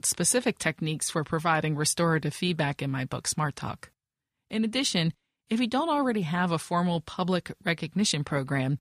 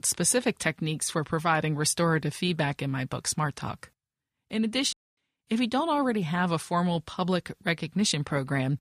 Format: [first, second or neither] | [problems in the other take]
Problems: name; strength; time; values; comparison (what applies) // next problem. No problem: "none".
first | audio cutting out; at 5 s